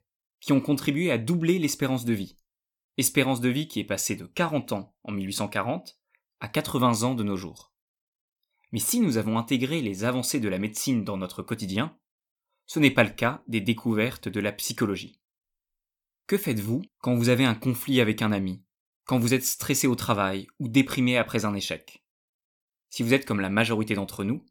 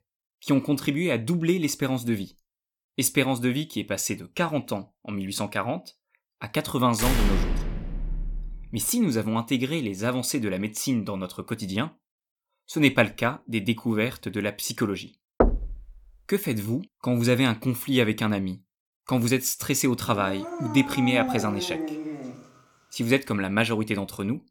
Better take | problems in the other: first | door banging; loud; from 7 to 8.5 s and at 15 s; peak 2 dB above the speech // dog barking; noticeable; from 20 to 22 s; peak 3 dB below the speech

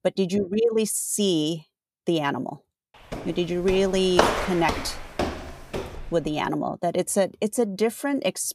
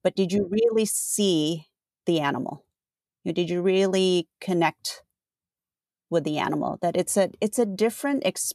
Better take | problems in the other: second | footsteps; loud; from 3 to 6 s; peak 3 dB above the speech

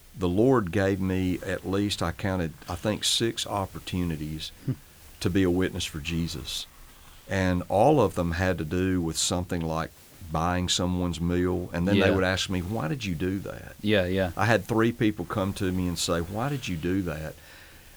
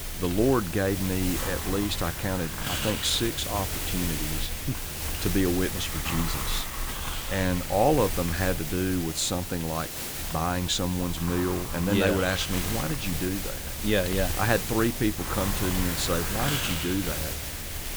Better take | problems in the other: first | hiss; loud; throughout; 2 dB below the speech; faint in the first

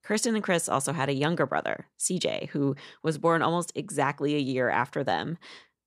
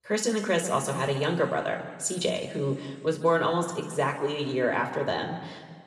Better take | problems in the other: first | room echo; noticeable; dies away in 1.6 s // off-mic speech; somewhat distant

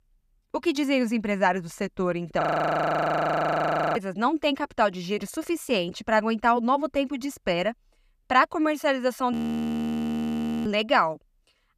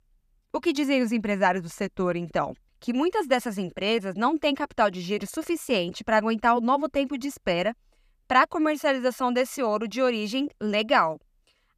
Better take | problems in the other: second | audio freezing; at 2.5 s for 1.5 s and at 9.5 s for 1.5 s

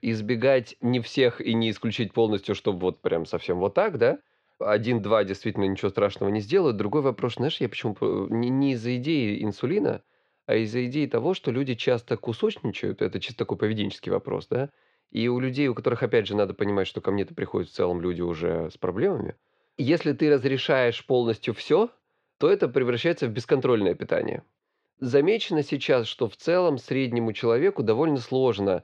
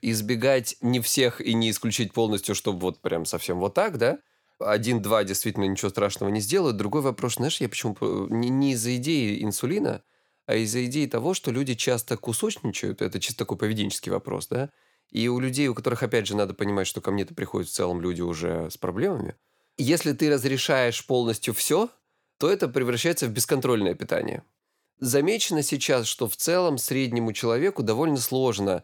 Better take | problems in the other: second | muffled; slightly; fading above 4 kHz

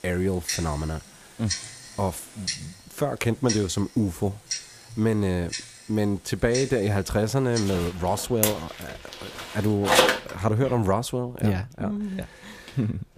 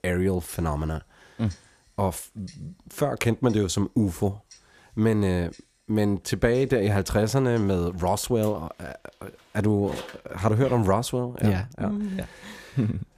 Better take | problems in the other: second | household noises; loud; throughout; 2 dB below the speech; faint in the second

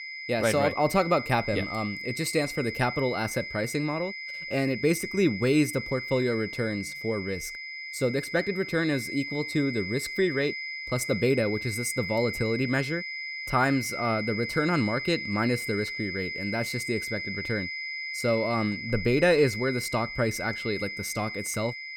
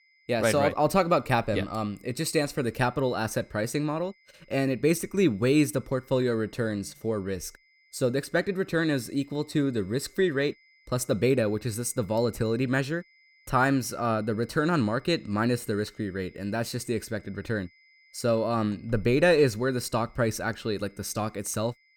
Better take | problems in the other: second | high-pitched whine; loud; throughout; 2 kHz, 6 dB below the speech; faint in the second

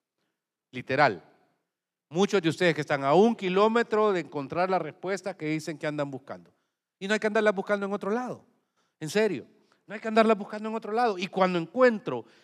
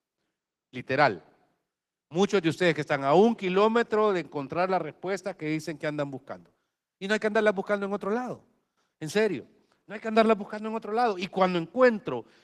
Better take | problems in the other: first | garbled, watery; slightly; nothing above 14 kHz

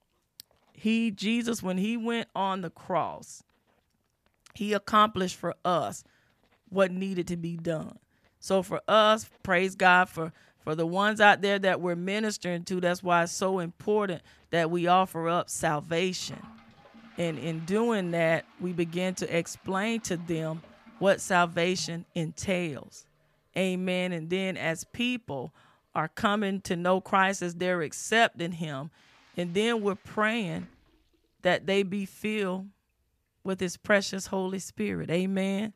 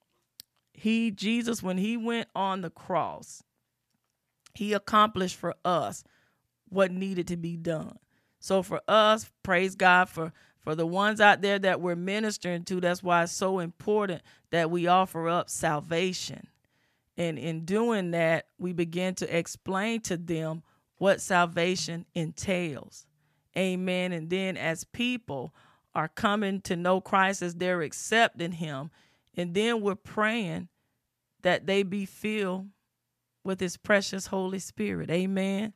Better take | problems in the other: second | household noises; faint; throughout; 30 dB below the speech

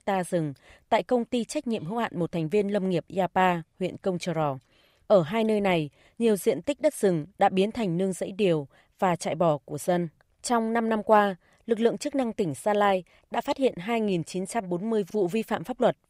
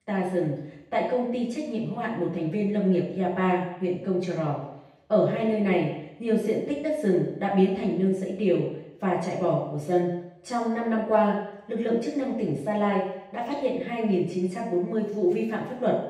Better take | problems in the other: first | room echo; noticeable; dies away in 0.8 s // off-mic speech; far

